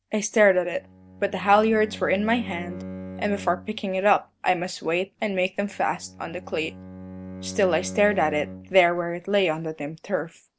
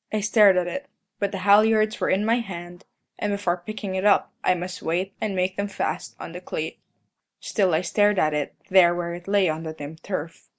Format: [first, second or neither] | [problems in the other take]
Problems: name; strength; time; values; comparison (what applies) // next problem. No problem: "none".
second | background sound (Bowed string instrument); 16 dB below the speech